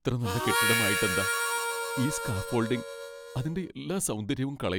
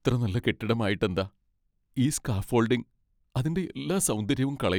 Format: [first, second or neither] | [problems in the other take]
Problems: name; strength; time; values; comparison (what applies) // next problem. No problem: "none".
second | background sound (Harmonica); 1 dB above the speech